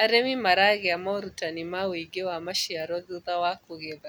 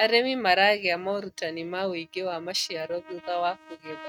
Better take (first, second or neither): first